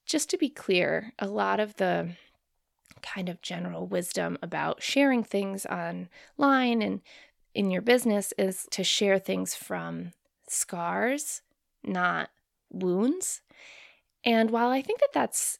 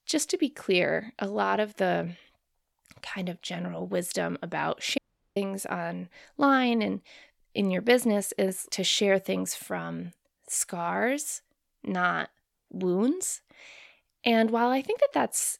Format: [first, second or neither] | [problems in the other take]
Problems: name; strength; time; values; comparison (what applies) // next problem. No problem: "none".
first | audio cutting out; at 5 s